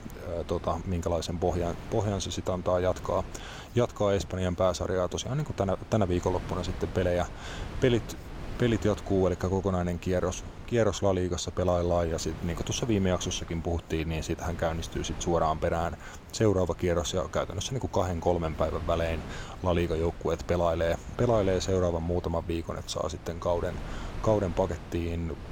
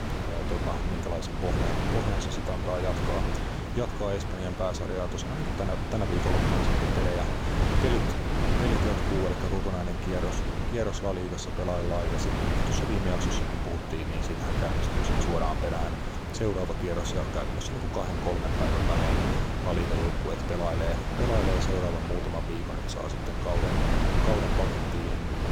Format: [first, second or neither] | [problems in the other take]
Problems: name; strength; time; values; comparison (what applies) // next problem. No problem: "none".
first | wind noise on the microphone; heavy; 1 dB above the speech; occasional gusts in the first